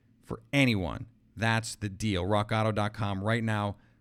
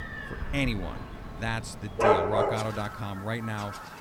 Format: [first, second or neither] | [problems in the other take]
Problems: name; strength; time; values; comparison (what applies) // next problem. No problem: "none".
first | animal sounds; very loud; throughout; 4 dB above the speech